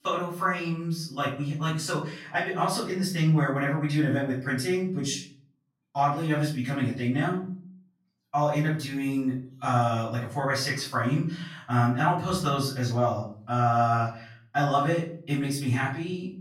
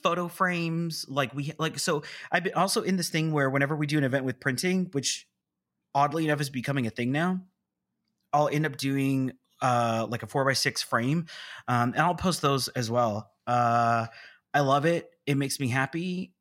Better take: second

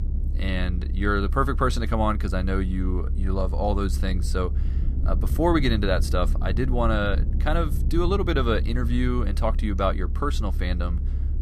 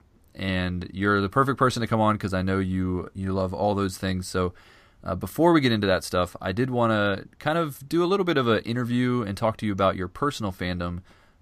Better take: second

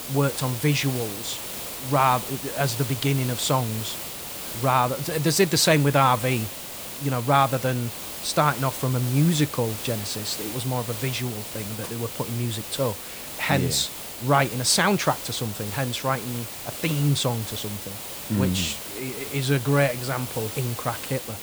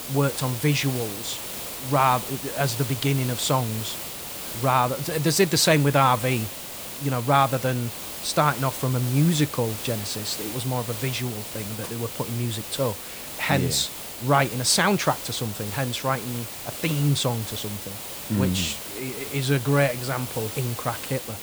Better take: neither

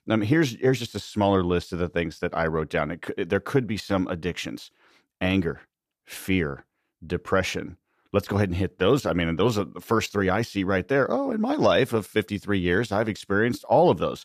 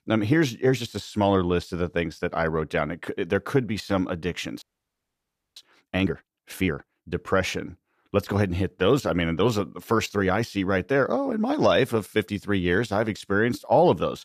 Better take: first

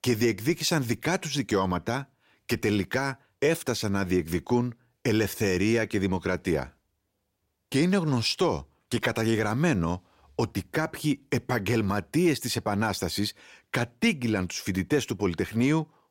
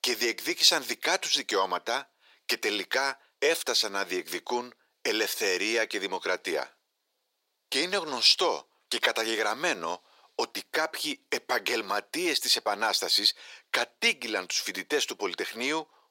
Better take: first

